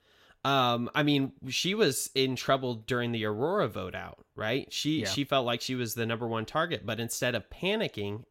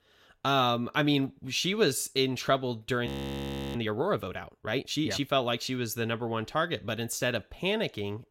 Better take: first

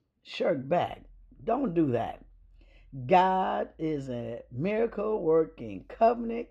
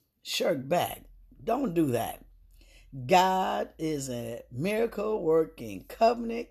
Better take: second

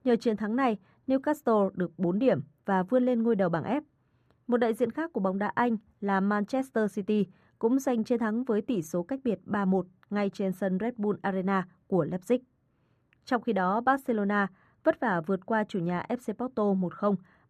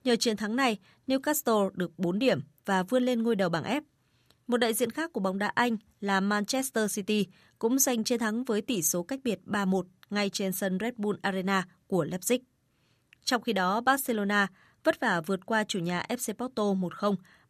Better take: second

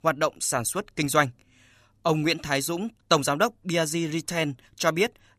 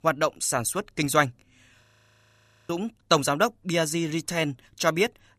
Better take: first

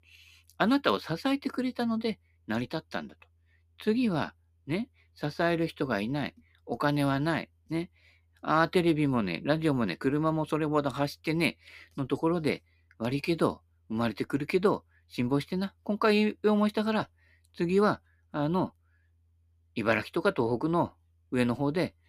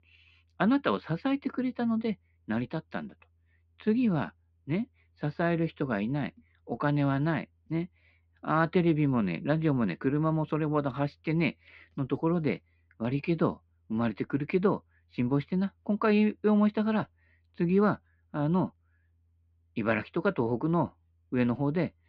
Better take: first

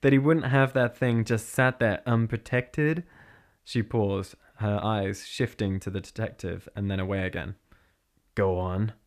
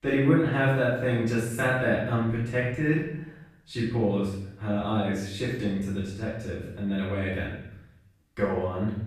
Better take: first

